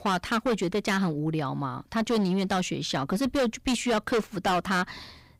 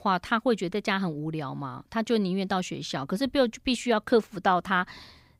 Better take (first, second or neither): second